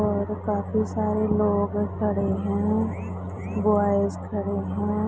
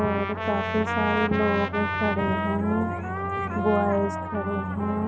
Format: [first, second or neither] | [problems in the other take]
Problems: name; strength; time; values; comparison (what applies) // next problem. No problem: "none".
first | background sound (Trumpet); 4 dB below the speech